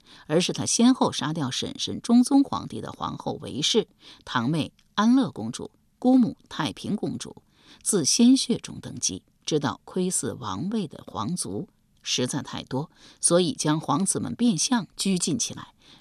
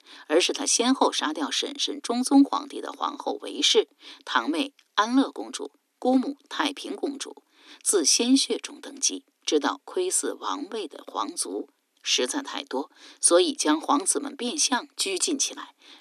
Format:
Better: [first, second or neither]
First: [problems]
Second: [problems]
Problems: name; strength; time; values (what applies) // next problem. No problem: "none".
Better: first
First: none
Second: thin; very slightly; fading below 250 Hz